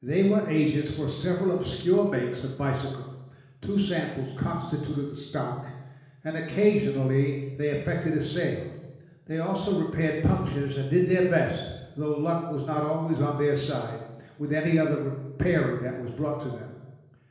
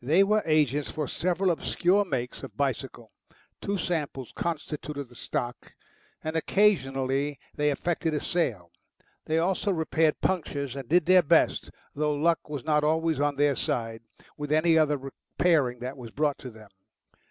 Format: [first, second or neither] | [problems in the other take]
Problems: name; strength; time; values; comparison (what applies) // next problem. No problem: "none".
second | room echo; dies away in 1.1 s